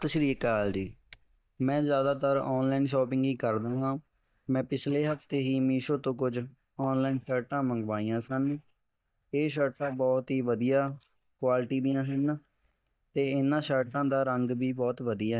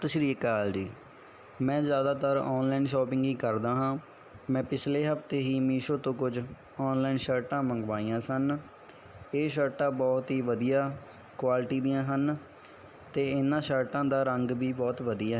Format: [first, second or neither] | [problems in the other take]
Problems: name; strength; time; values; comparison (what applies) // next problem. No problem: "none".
second | noise reduction (neural mask model DeepFilterNet 3)